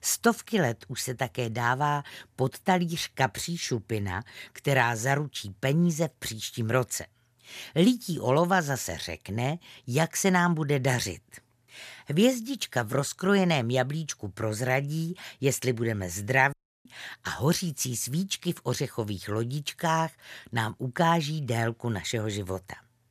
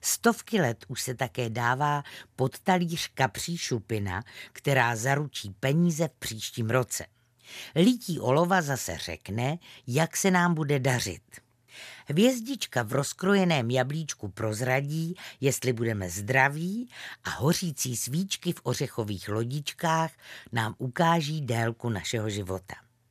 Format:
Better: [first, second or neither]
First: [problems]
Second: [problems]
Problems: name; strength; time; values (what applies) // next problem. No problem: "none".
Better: second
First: audio cutting out; at 17 s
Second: none